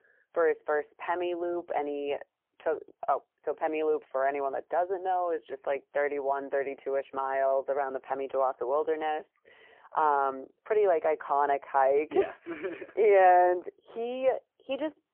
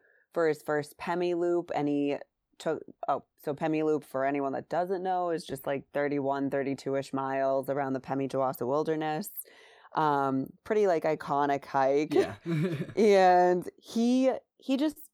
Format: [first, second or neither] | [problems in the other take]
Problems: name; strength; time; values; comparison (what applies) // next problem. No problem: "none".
second | phone-call audio; poor line